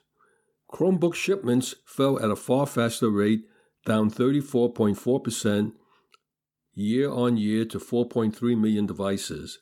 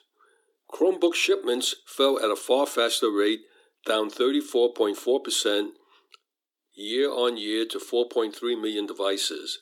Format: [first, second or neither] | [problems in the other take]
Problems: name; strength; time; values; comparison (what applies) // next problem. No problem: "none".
first | thin; somewhat; fading below 300 Hz